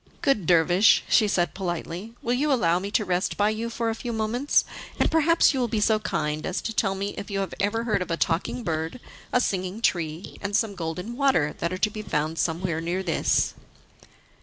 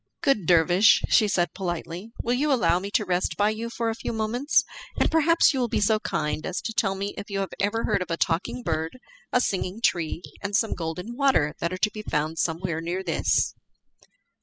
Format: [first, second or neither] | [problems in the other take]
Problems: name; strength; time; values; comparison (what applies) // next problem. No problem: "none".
first | noise reduction (classical method spectral subtraction)